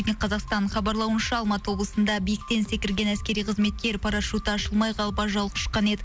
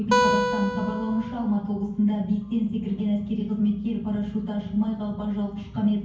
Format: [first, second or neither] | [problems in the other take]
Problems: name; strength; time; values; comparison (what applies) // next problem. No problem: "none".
first | background sound (Acoustic guitar); 1 dB below the speech // room echo; dies away in 0.9 s